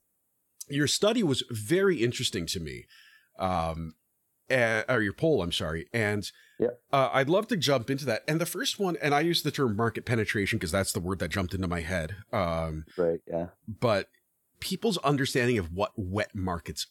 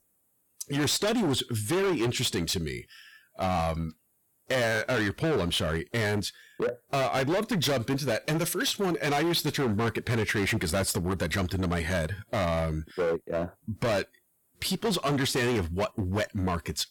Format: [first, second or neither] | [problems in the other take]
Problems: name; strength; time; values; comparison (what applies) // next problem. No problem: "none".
first | distortion; heavy; 19% of the sound clipped